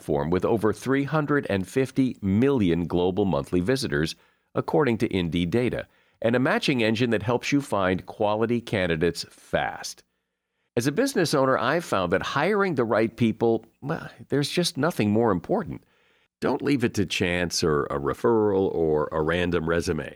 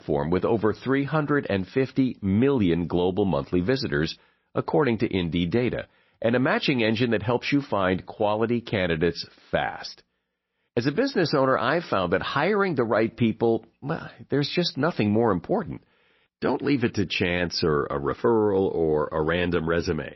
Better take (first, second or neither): first